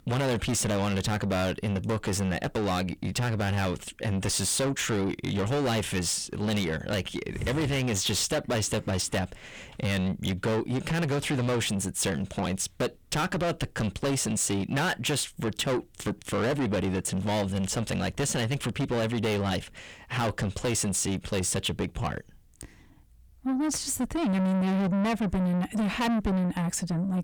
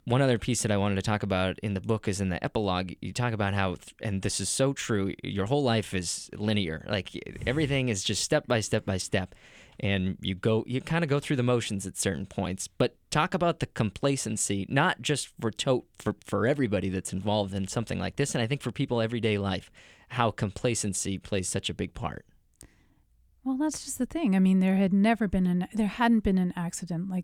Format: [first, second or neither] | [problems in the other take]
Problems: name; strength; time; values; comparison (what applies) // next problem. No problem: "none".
second | distortion; heavy; 6 dB below the speech